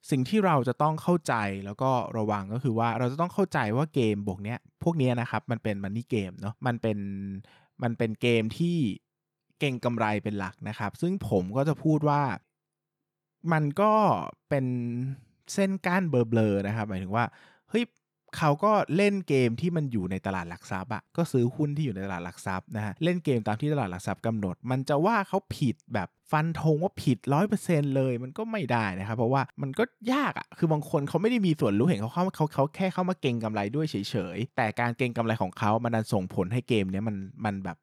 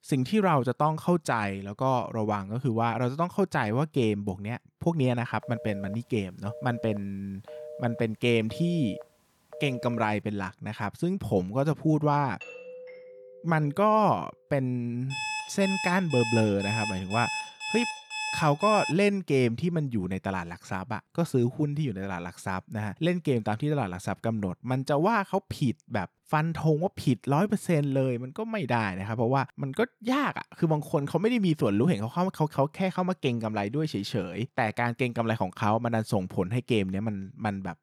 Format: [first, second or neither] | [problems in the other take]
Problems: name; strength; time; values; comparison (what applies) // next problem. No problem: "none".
first | phone ringing; faint; from 5.5 to 10 s; peak 10 dB below the speech // doorbell; faint; from 12 to 14 s; peak 15 dB below the speech // alarm; noticeable; from 15 to 19 s; peak 3 dB below the speech